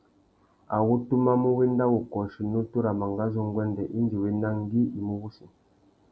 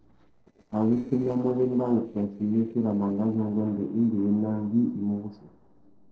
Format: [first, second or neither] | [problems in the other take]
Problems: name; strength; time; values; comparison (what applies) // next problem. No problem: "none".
first | noise reduction (neural separator model SepFormer DNS4)